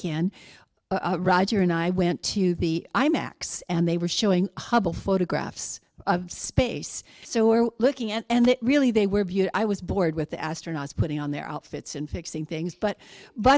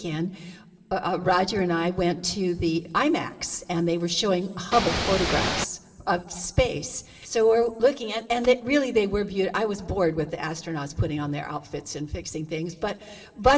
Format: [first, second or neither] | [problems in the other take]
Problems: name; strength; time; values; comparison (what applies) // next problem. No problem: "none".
first | background sound (Ocean / Boat, Water vehicle); 1 dB below the speech // room echo; dies away in 2.2 s